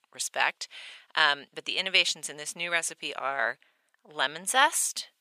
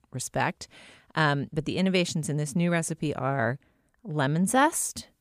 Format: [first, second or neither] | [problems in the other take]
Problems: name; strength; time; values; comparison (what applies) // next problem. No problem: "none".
second | thin; very; fading below 750 Hz